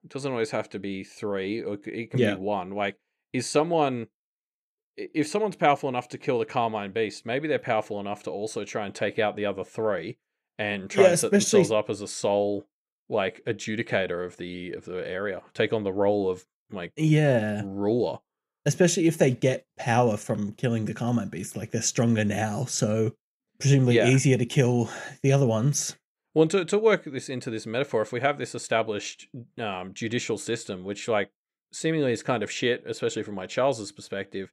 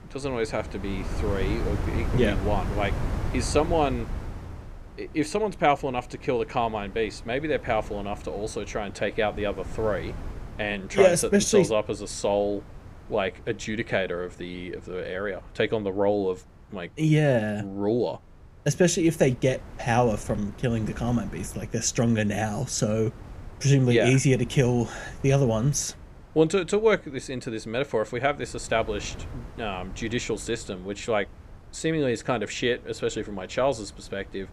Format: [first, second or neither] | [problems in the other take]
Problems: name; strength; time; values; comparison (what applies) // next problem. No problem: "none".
first | wind noise on the microphone; occasional gusts; 15 dB below the speech